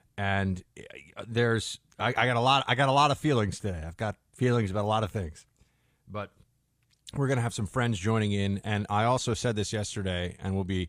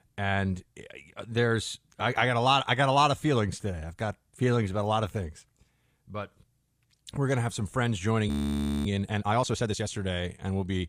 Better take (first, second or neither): first